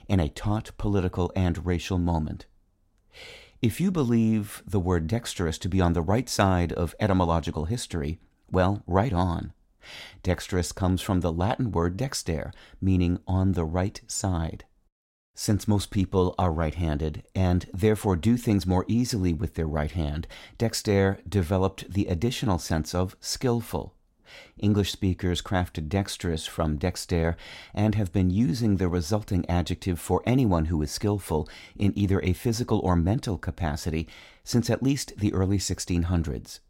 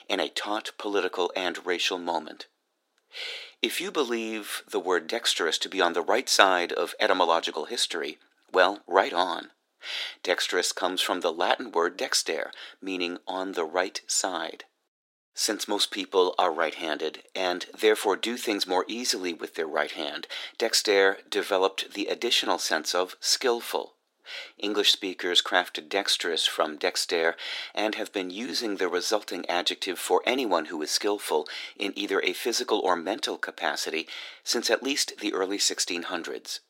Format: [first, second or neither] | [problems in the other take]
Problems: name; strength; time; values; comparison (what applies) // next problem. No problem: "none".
first | thin; very; fading below 350 Hz